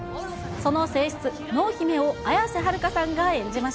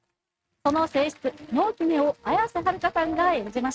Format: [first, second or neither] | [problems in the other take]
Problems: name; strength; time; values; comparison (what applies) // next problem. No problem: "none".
first | noise reduction (neural mask model RNNoise)